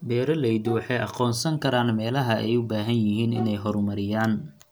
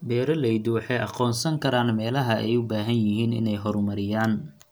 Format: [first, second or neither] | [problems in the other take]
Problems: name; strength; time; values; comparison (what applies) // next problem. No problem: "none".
second | background sound (Bowed string instrument); 16 dB below the speech